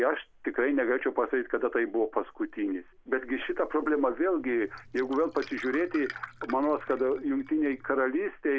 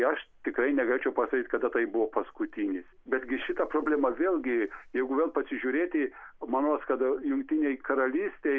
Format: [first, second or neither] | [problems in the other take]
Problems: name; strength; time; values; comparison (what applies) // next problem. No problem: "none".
second | background sound (Glass); 18 dB below the speech